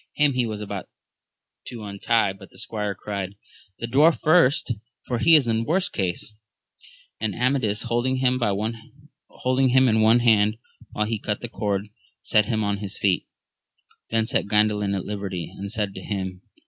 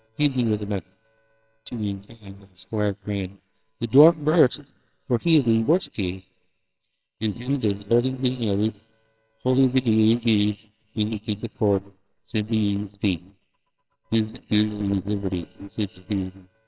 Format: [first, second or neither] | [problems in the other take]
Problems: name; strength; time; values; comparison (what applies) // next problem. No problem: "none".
first | noise reduction (neural separator model SepFormer WHAMR!)